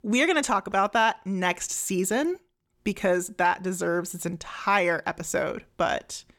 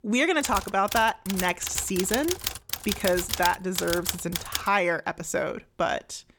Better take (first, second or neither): first